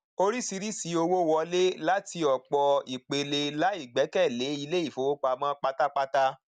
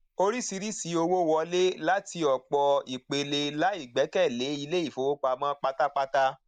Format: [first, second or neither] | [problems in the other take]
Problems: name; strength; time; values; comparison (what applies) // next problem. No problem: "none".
first | noise reduction (neural mask model Resemble Enhance denoiser)